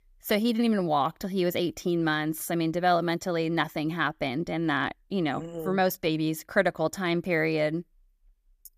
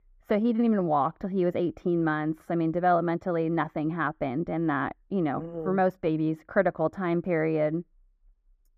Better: first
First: none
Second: muffled; very; fading above 3 kHz

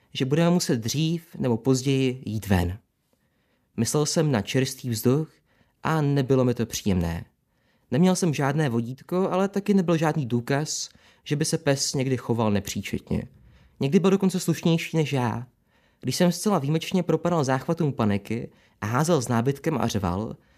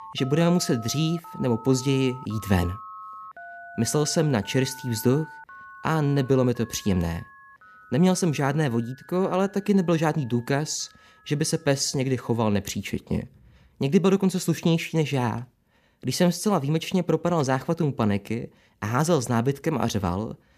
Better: first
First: none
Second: alarms or sirens; noticeable; throughout; 20 dB below the speech

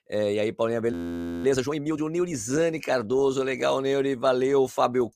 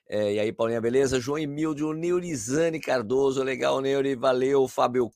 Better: second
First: audio freezing; at 1 s for 0.5 s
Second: none

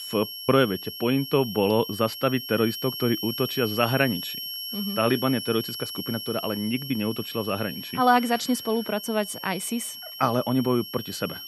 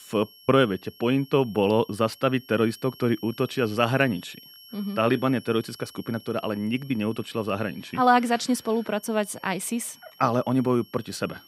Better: second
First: high-pitched whine; loud; throughout; 3 kHz, 8 dB below the speech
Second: high-pitched whine; faint; throughout; 3 kHz, 25 dB below the speech

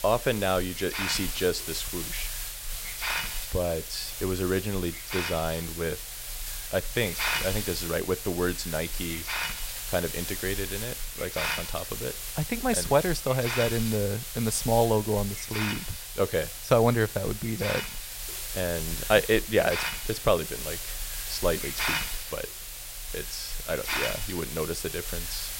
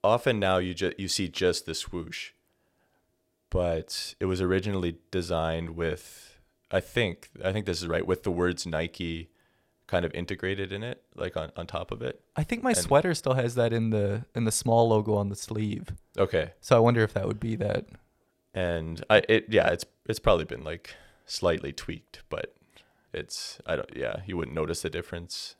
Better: second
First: hiss; loud; throughout; 3 dB below the speech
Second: none

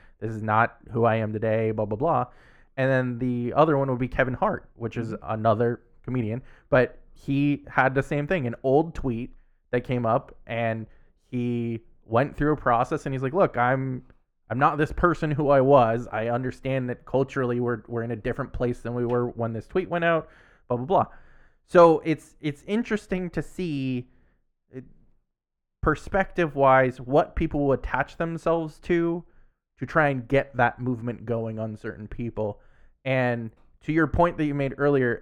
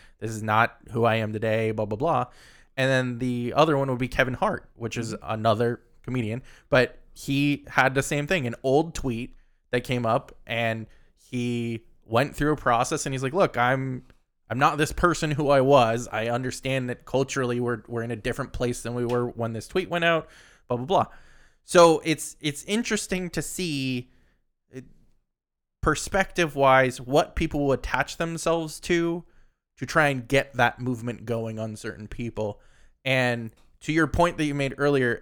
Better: second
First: muffled; very; fading above 3 kHz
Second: none

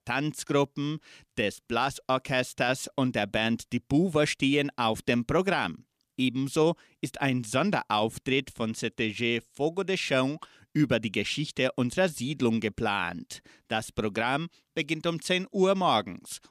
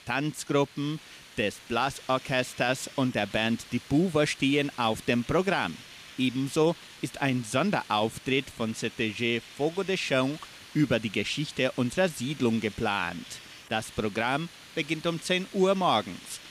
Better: first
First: none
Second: hiss; noticeable; throughout; 20 dB below the speech

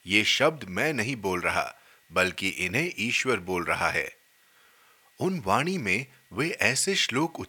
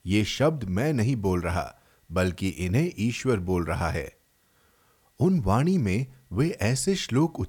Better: second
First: thin; somewhat; fading below 650 Hz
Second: none

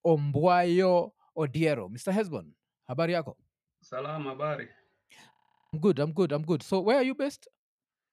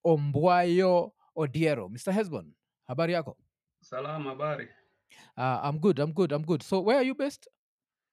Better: second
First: audio freezing; at 5.5 s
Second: none

